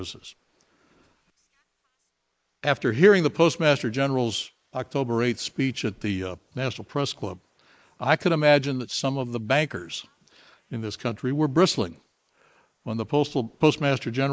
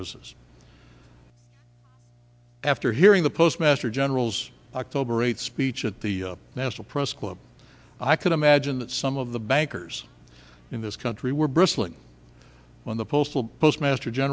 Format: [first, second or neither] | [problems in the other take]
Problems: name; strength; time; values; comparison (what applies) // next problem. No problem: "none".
second | noise reduction (neural mask model Resemble Enhance denoiser)